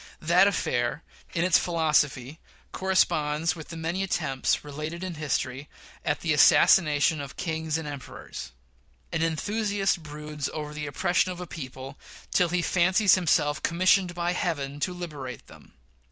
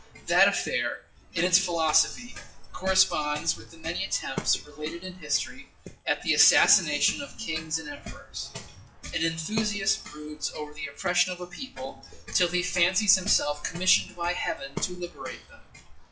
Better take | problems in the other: first | noise reduction (classical method WPE with log-MMSE)

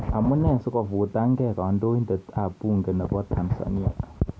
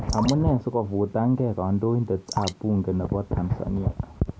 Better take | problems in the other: first | background sound (Drip); 15 dB below the speech

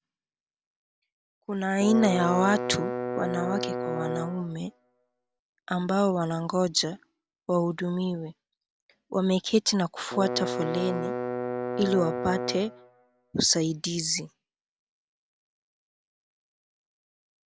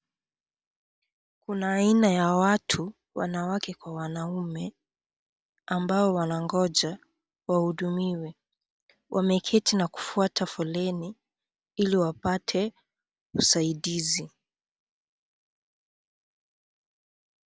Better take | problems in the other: second | background sound (Bowed string instrument); 3 dB below the speech

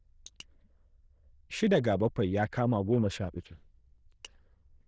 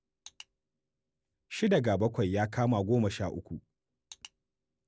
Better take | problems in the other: second | noise reduction (neural diffusion model UNIVERSE++)

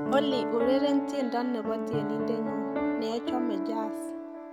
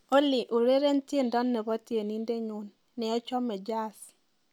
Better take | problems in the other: second | background sound (Piano); as loud as the speech

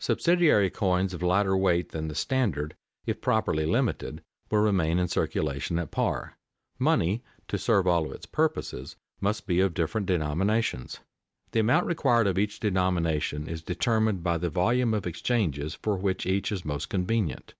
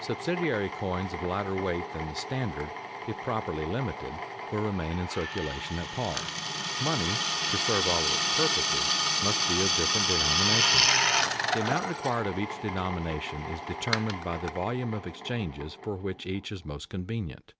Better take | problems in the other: first | background sound (Drill); 2 dB above the speech

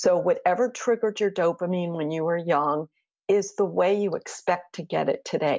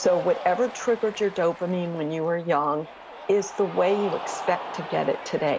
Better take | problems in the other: first | background sound (Cheering); 12 dB below the speech

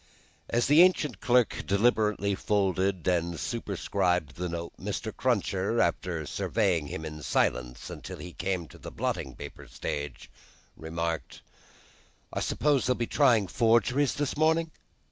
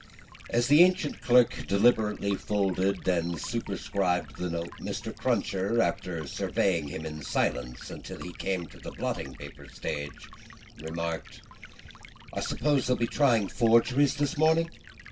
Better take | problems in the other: first | background sound (Stream); 19 dB below the speech // room echo; dies away in 0.2 s

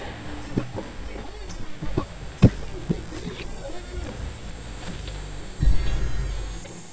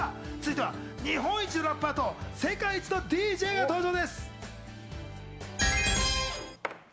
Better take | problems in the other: second | noise reduction (neural mask model DeepFilterNet 3)

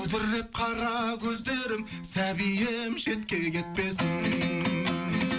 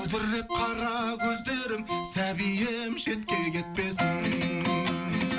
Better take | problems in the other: first | background sound (Ringtone); 8 dB below the speech

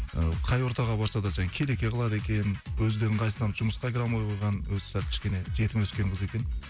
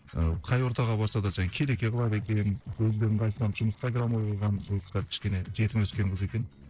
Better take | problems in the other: first | noise reduction (neural separator model SepFormer DNS4)

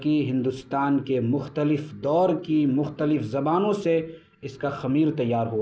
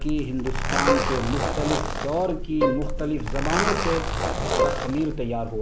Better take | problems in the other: first | background sound (Bowed string instrument + Zipper (clothing)); 2 dB above the speech

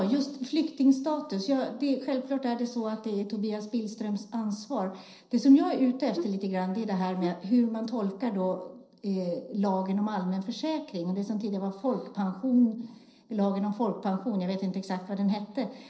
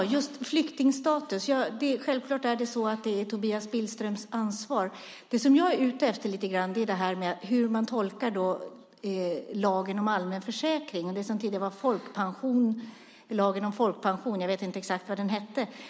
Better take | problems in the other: second | noise reduction (neural separator model SepFormer DNS4)

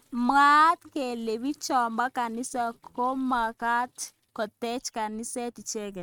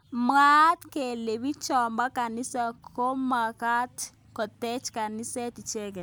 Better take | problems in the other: second | noise reduction (neural mask model RNNoise)

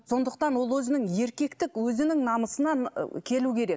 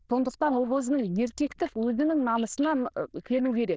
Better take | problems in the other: first | noise reduction (neural diffusion model UNIVERSE++)

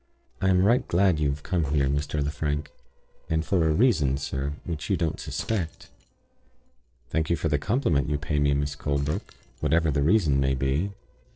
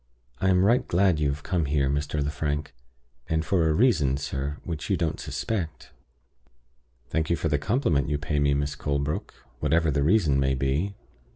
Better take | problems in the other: second | noise reduction (neural separator model SepFormer DNS4)

